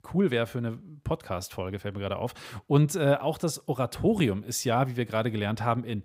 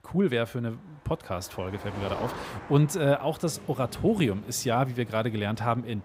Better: first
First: none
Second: traffic noise; noticeable; throughout; 15 dB below the speech

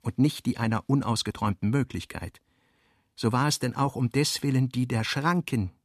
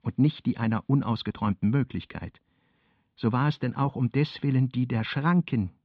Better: first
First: none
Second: muffled; slightly; fading above 3.5 kHz

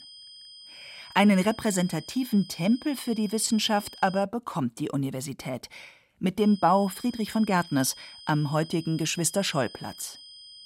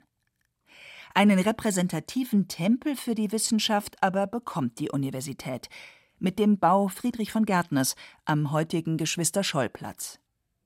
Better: second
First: high-pitched whine; noticeable; until 4 s and from 6.5 s on; 5 kHz, 20 dB below the speech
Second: none

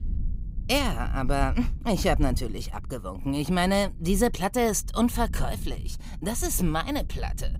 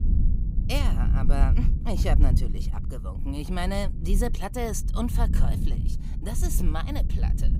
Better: first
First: low rumble; faint; throughout; 25 dB below the speech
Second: low rumble; loud; throughout; 8 dB below the speech

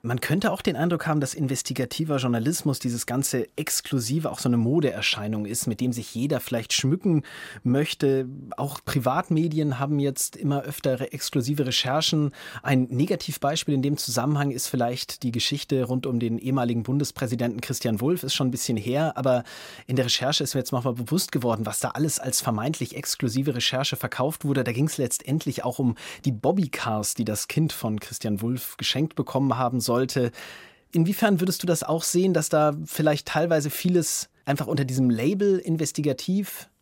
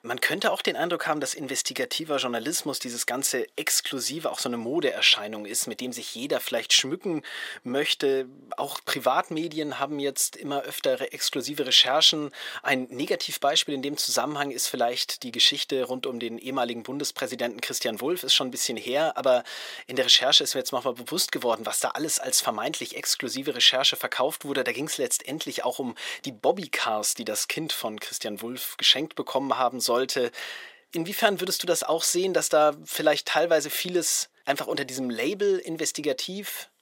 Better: first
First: none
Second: thin; somewhat; fading below 450 Hz

